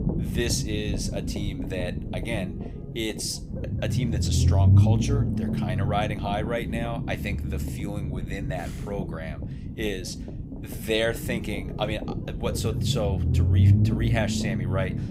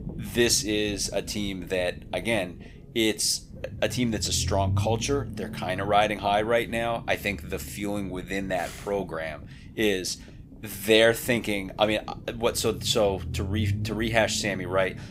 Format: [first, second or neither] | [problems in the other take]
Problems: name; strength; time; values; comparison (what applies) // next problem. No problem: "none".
second | low rumble; loud; throughout; 6 dB below the speech; faint in the second